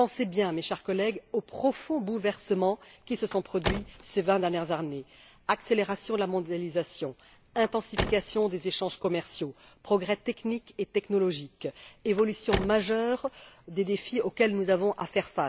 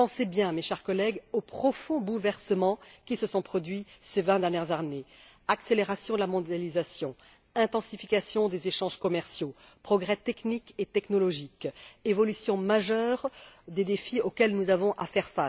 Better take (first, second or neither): second